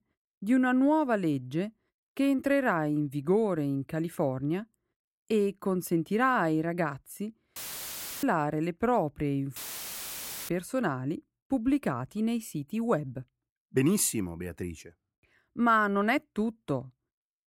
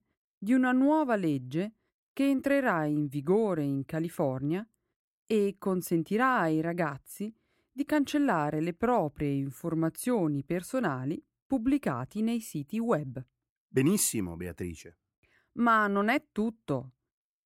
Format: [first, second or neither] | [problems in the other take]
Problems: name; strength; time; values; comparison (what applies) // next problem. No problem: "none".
second | audio cutting out; filled with static; at 7.5 s for 0.5 s and at 9.5 s for 1 s